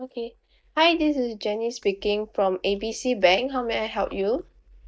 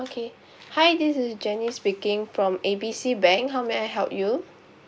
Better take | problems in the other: second | noise reduction (neural mask model DeepFilterNet 3)

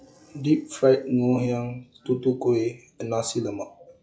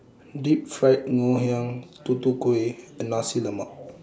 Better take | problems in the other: second | noise reduction (classical method log-MMSE)

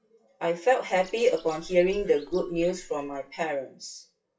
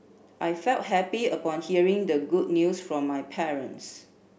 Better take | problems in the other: second | noise reduction (classical method WPE with log-MMSE)

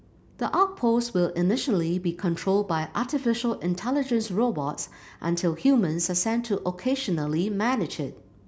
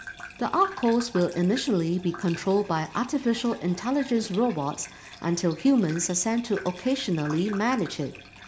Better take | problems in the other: first | background sound (Bathtub (filling or washing) / Gurgling); 18 dB below the speech

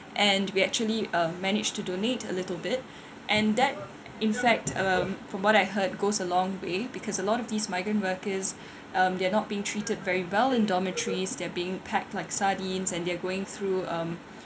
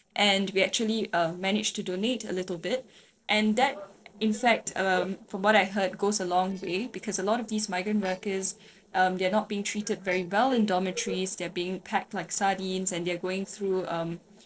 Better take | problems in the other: first | noise reduction (neural separator model SepFormer DNS4)

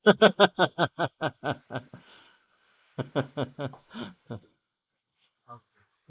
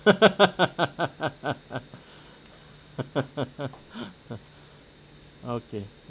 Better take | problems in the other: second | noise reduction (neural mask model Resemble Enhance denoiser)

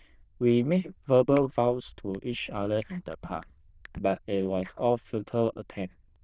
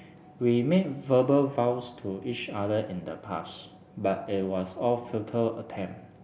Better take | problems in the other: second | noise reduction (neural diffusion model UNIVERSE++)

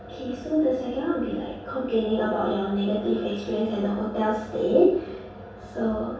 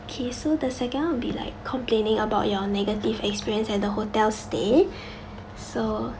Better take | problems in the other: second | room echo; dies away in 0.7 s

